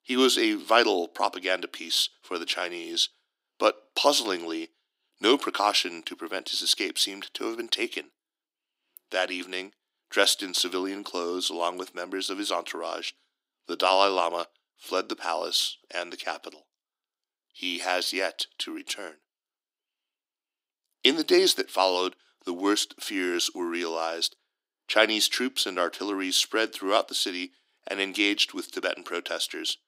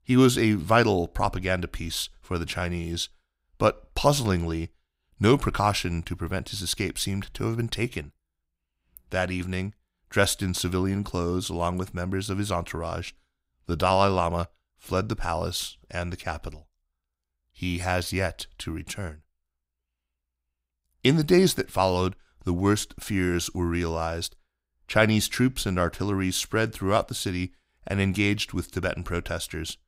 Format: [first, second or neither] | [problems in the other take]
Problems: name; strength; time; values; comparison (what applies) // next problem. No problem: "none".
second | thin; somewhat; fading below 300 Hz